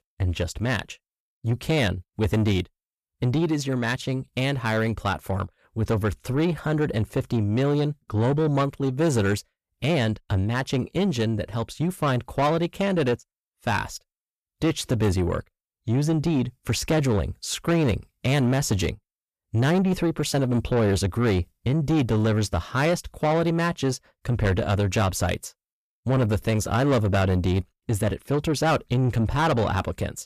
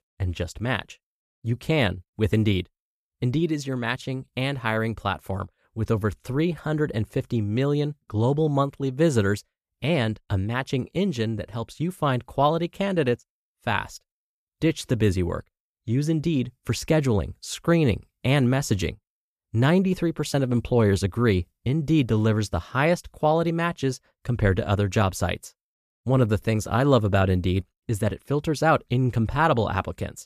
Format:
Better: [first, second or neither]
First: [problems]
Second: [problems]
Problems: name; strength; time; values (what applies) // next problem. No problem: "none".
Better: second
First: distortion; slight; 10 dB below the speech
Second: none